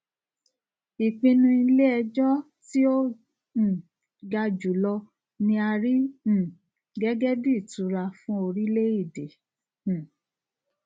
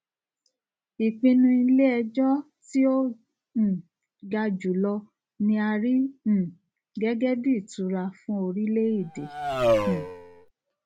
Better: first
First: none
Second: background sound (Race car, auto racing); 2 dB below the speech

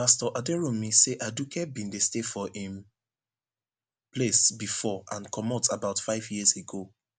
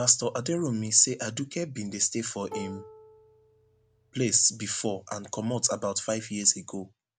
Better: first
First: none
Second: background sound (Plucked string instrument); 15 dB below the speech

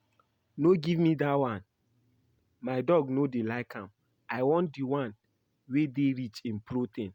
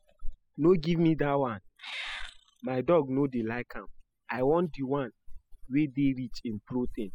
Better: first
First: none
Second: noise reduction (classical method spectral subtraction)

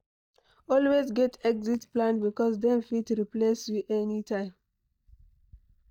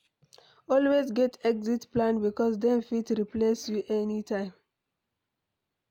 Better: second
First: noise reduction (neural mask model DeepFilterNet 3)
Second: none

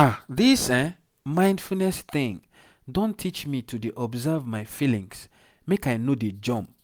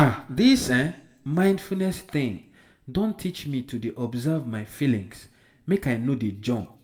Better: first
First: none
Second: room echo; dies away in 0.5 s

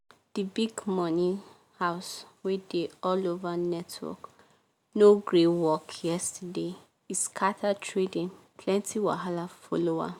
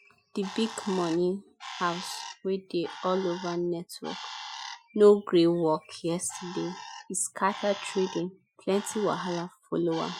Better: first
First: none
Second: noise reduction (classical method Wiener filter)

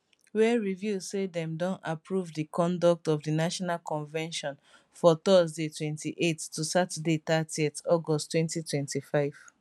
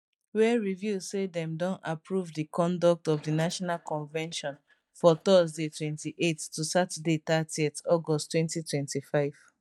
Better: first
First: none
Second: noise reduction (neural mask model DeepFilterNet 3)

